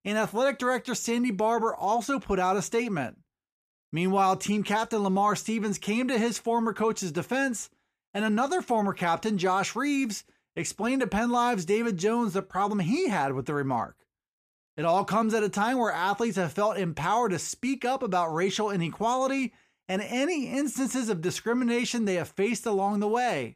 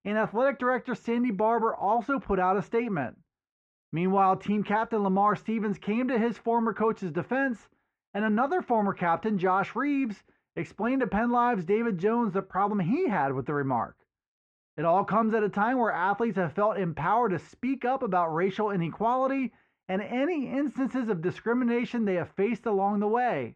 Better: first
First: none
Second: muffled; very; fading above 1.5 kHz

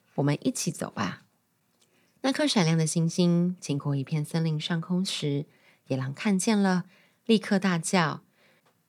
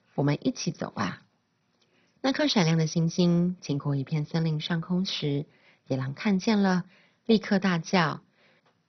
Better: first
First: none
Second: garbled, watery; badly; nothing above 6 kHz

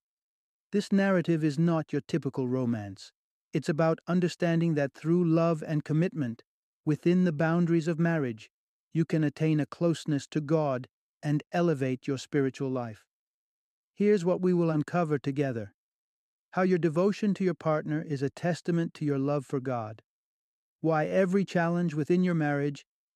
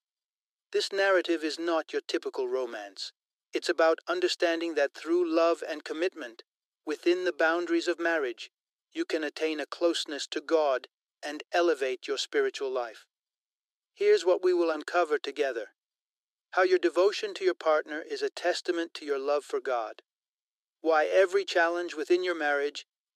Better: first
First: none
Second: thin; very; fading below 350 Hz

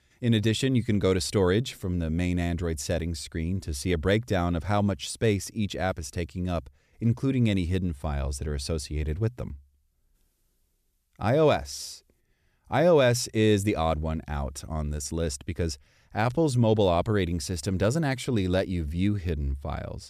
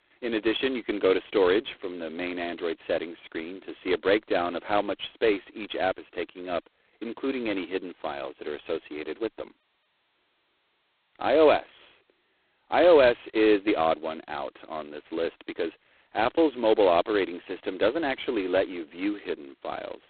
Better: first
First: none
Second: phone-call audio; poor line; nothing above 4 kHz

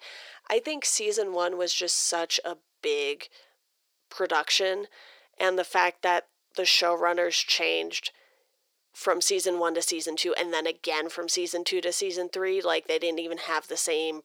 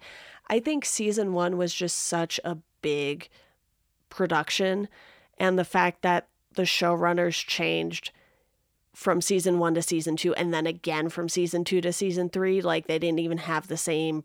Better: second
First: thin; very; fading below 400 Hz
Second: none

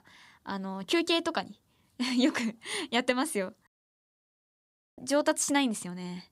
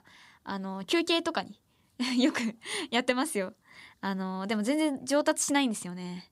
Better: second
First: audio cutting out; at 3.5 s for 1.5 s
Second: none

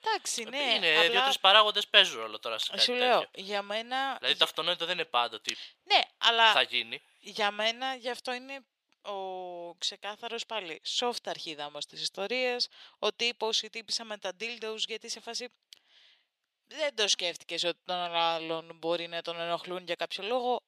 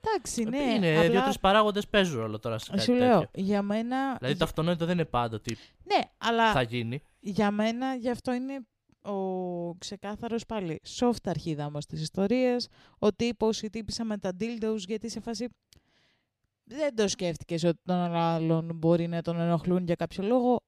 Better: second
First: thin; very; fading below 650 Hz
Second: none

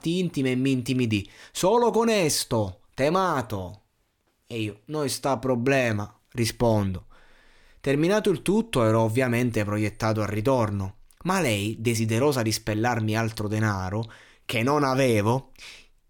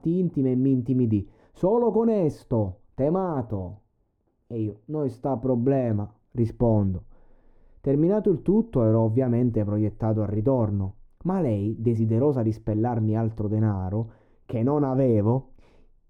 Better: first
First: none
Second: muffled; very; fading above 1 kHz

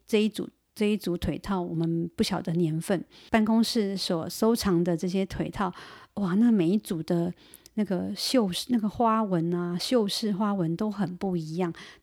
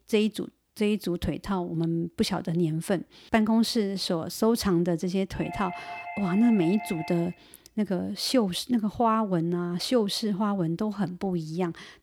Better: first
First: none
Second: doorbell; faint; from 5.5 to 7.5 s; peak 10 dB below the speech

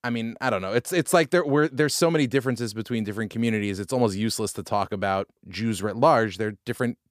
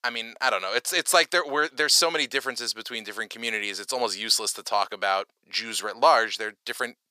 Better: first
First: none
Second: thin; very; fading below 750 Hz

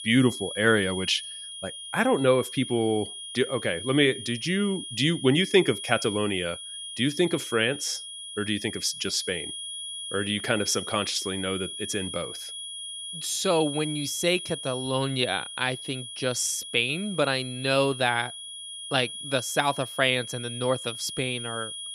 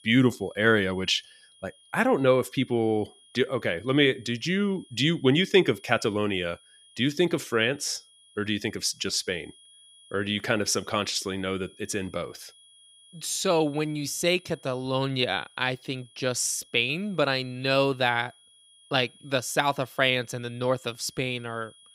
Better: second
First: high-pitched whine; loud; throughout; 3.5 kHz, 9 dB below the speech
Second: high-pitched whine; faint; throughout; 3.5 kHz, 25 dB below the speech

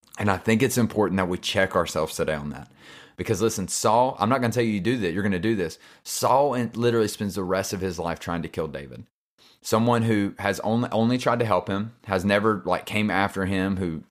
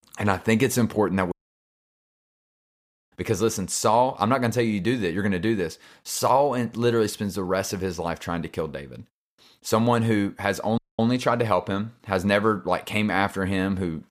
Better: first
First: none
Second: audio cutting out; at 1.5 s for 2 s and at 11 s

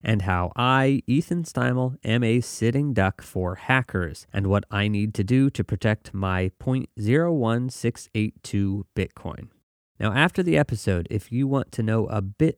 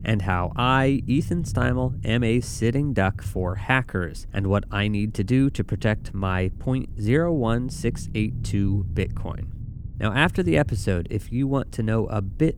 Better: first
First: none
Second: low rumble; faint; throughout; 20 dB below the speech

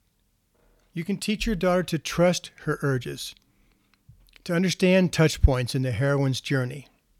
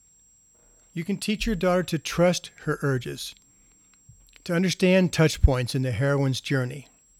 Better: first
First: none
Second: high-pitched whine; faint; throughout; 7.5 kHz, 35 dB below the speech

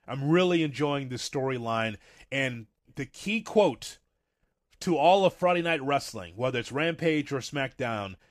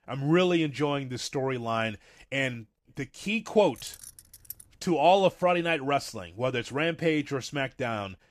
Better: first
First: none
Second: jangling keys; faint; at 4 s; peak 15 dB below the speech

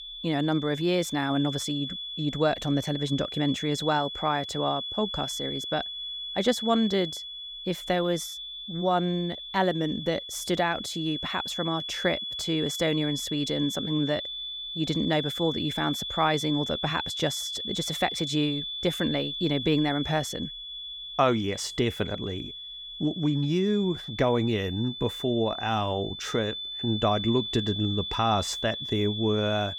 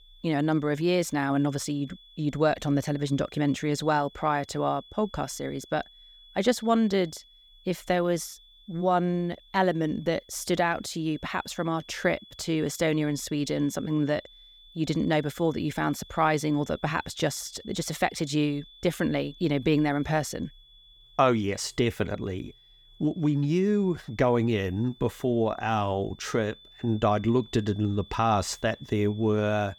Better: second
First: high-pitched whine; loud; throughout; 3.5 kHz, 5 dB below the speech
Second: high-pitched whine; faint; throughout; 3.5 kHz, 25 dB below the speech

